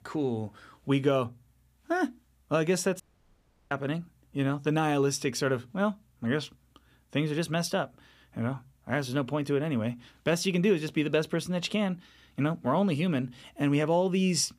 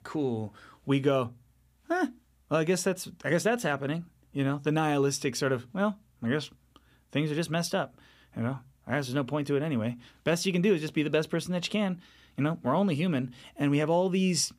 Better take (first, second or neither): second